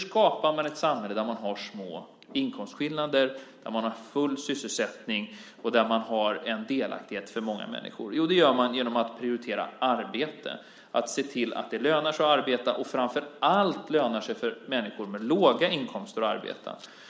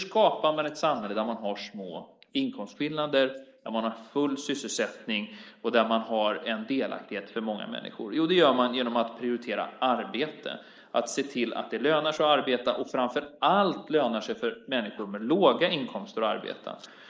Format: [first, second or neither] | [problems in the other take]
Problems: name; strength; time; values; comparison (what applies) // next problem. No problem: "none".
first | noise reduction (neural mask model Resemble Enhance denoiser)